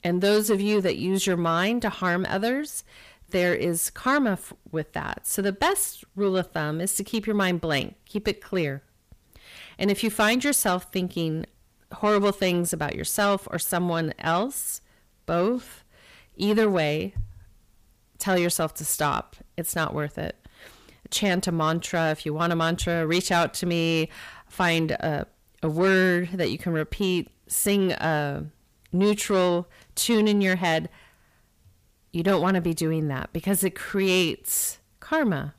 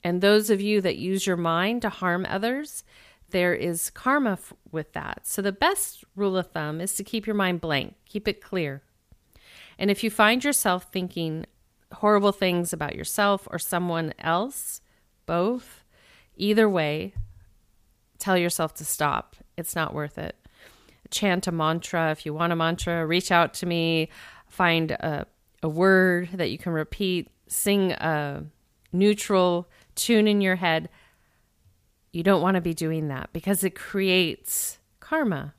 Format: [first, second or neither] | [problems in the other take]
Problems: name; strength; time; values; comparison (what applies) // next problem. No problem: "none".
second | distortion; slight; 10 dB below the speech